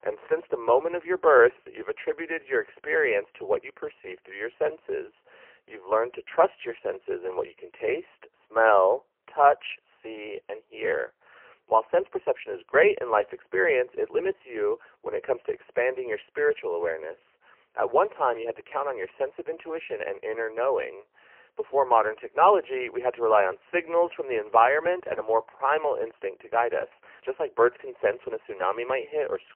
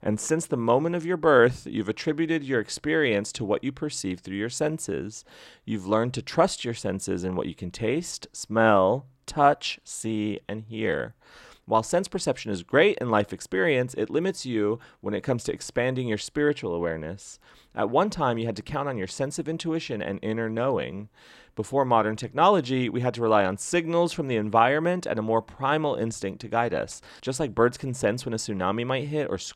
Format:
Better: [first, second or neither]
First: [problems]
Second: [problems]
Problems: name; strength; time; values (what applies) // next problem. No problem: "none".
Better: second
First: phone-call audio; poor line; nothing above 3 kHz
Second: none